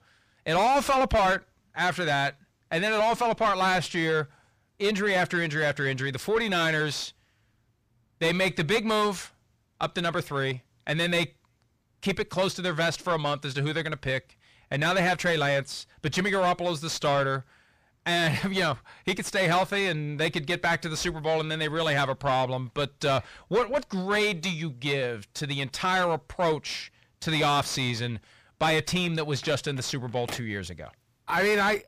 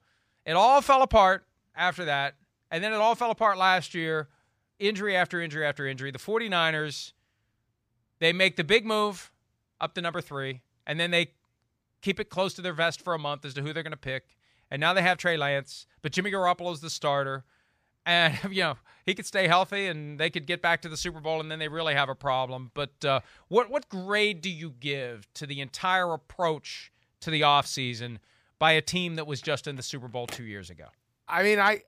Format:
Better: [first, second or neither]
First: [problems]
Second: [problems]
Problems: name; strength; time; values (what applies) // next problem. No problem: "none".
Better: second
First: distortion; heavy; 5 dB below the speech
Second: none